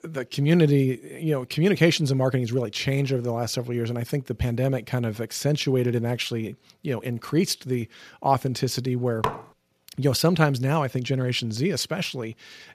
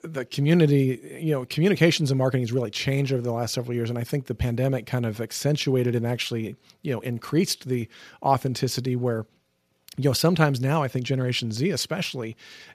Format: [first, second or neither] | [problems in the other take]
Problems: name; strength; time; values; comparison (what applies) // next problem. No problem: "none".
second | clattering dishes; noticeable; at 9 s; peak 5 dB below the speech